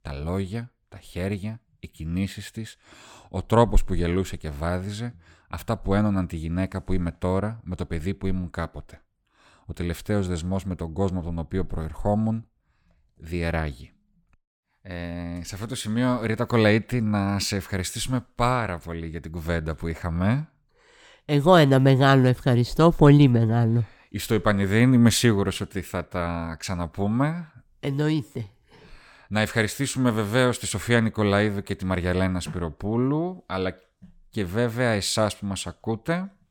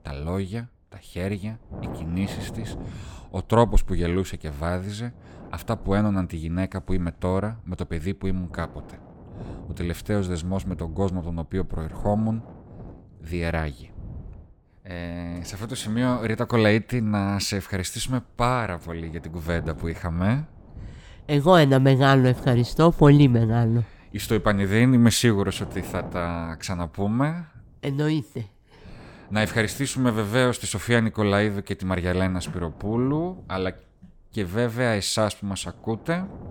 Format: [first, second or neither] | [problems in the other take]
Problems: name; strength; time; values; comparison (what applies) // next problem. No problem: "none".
first | wind noise on the microphone; occasional gusts; 20 dB below the speech